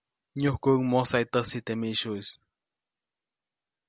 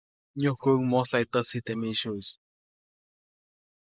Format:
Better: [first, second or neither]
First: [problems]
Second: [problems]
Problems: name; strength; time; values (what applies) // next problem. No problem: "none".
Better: first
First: none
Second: noise reduction (neural mask model Resemble Enhance denoiser)